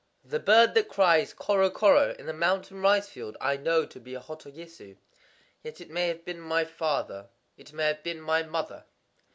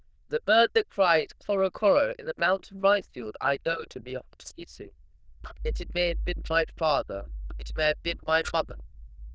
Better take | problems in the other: first | noise reduction (neural diffusion model UNIVERSE++)

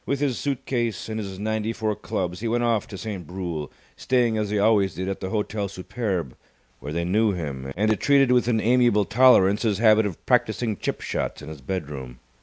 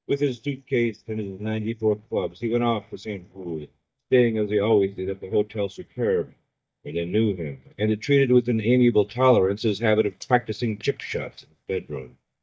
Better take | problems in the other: first | noise reduction (neural mask model DeepFilterNet 3)

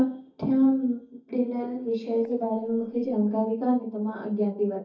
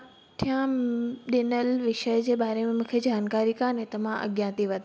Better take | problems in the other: second | noise reduction (neural mask model DeepFilterNet 3)

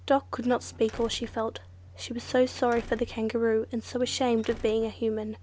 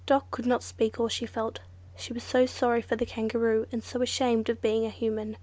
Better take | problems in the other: second | background sound (Slam); 19 dB below the speech

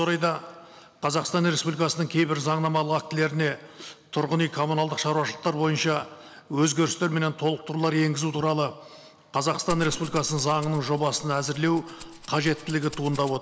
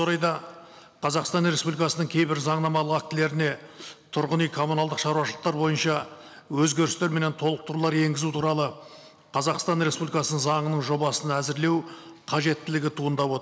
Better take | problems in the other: second | background sound (Rattle (instrument)); 16 dB below the speech

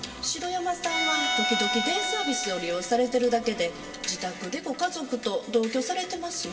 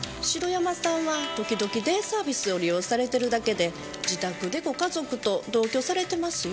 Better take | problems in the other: second | background sound (Bowed string instrument); 2 dB below the speech // room echo; dies away in 1.5 s

